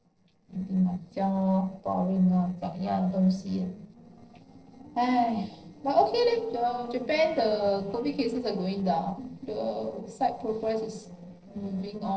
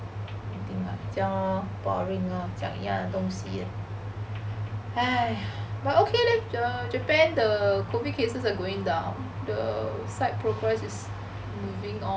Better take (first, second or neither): second